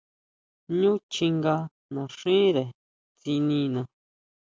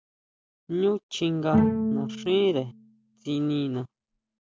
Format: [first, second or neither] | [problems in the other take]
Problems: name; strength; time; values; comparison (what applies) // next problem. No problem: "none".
first | background sound (Bowed string instrument); 1 dB below the speech